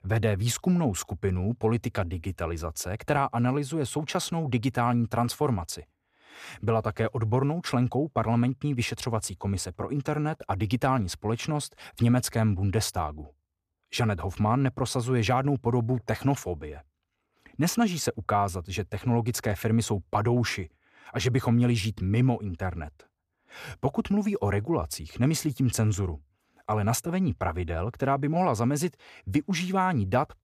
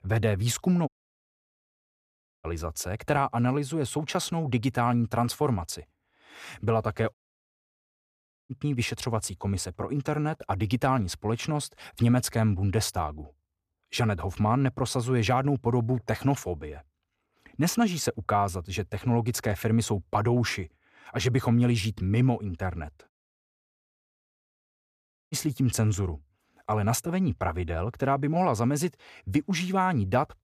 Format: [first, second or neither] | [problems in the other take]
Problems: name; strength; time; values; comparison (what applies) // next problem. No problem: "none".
first | audio cutting out; at 1 s for 1.5 s, at 7 s for 1.5 s and at 23 s for 2 s